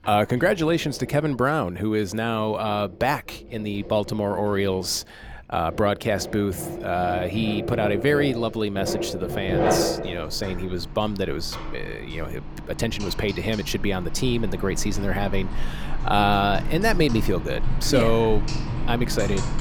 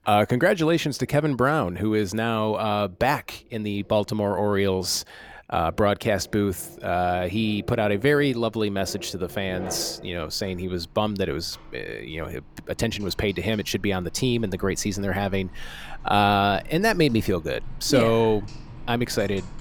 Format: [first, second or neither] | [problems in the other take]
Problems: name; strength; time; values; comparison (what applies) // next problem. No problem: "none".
second | household noises; loud; throughout; 7 dB below the speech; faint in the second